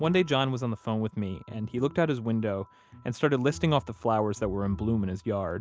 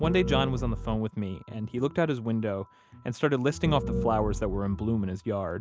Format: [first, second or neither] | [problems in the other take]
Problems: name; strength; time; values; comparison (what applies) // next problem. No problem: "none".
first | background sound (Piano); 3 dB below the speech